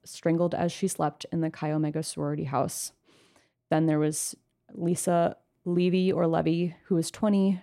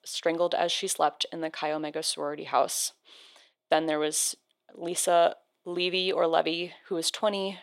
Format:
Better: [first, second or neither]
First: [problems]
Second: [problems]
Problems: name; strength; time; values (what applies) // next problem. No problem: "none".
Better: first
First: none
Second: thin; very; fading below 600 Hz